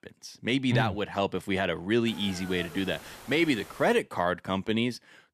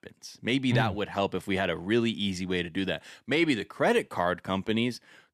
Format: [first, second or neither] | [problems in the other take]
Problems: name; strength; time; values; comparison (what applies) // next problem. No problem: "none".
second | hiss; noticeable; from 2 to 4 s; 20 dB below the speech